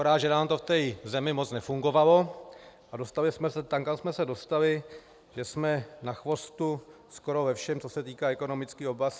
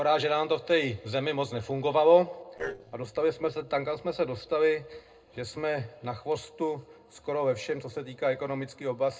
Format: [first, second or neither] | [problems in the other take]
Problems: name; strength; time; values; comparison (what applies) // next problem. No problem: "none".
first | noise reduction (neural separator model SepFormer DNS4)